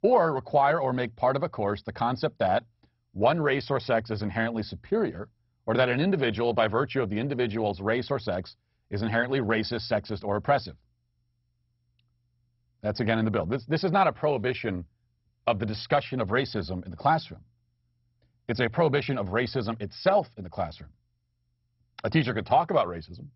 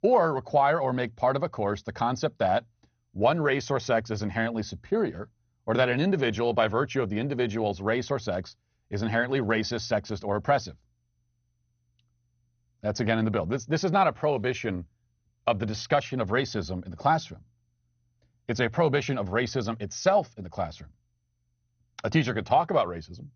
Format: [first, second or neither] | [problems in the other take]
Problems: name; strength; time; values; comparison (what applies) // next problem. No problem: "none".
second | garbled, watery; badly; nothing above 5.5 kHz; slightly in the second